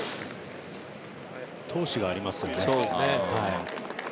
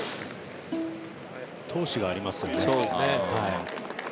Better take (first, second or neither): first